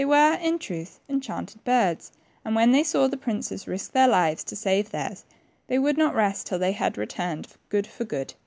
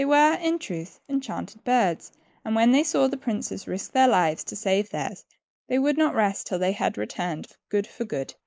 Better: first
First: none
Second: noise reduction (neural mask model Resemble Enhance denoiser)

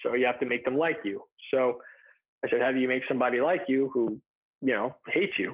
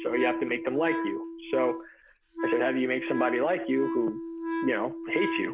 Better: first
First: none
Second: background sound (Wind instrument, woodwind instrument); 4 dB below the speech

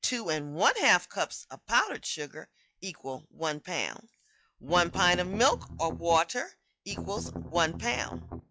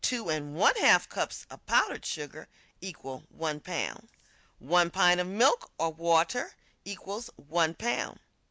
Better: second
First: noise reduction (classical method log-MMSE)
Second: none

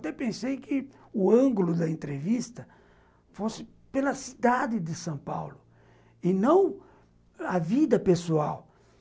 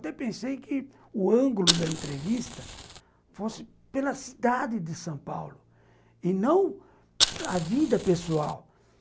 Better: first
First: none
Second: background sound (Fire); 2 dB below the speech

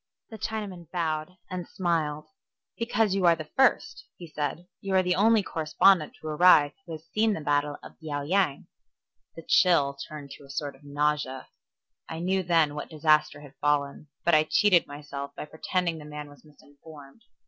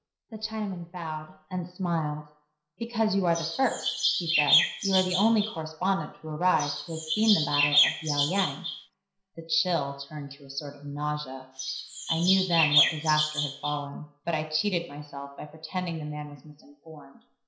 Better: first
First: none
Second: background sound (Chirp, tweet); 1 dB above the speech // room echo; dies away in 0.5 s

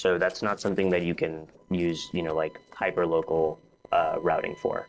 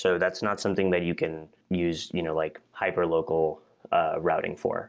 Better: second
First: noise reduction (neural separator model SepFormer DNS4)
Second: none

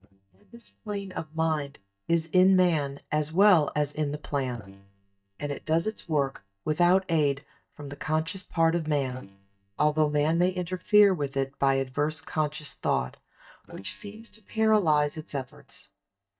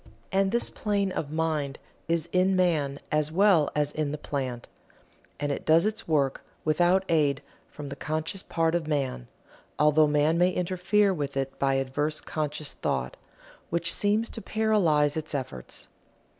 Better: second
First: noise reduction (neural mask model DeepFilterNet 3)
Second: none

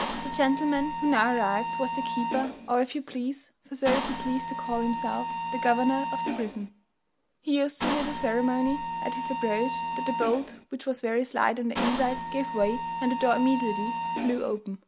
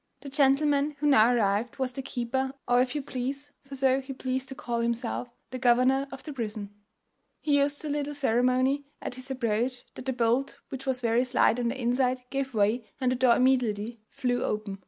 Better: second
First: background sound (Mechanisms); 5 dB below the speech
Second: none

